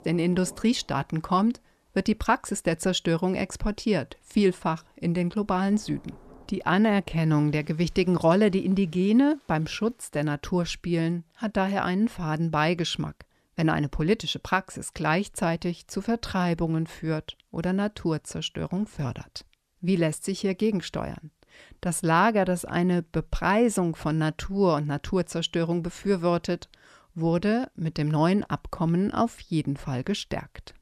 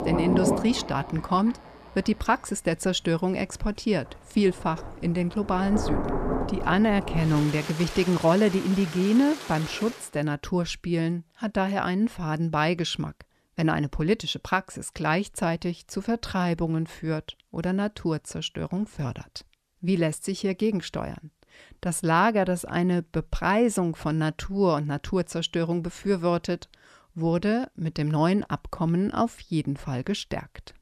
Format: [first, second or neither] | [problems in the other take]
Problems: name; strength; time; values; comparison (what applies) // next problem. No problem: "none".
first | rain or running water; loud; until 10 s; 6 dB below the speech; faint in the first